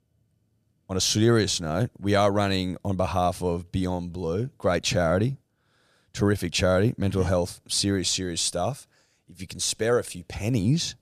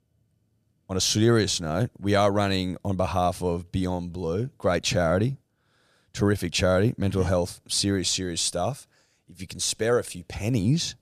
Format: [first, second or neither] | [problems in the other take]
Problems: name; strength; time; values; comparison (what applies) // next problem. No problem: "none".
neither | none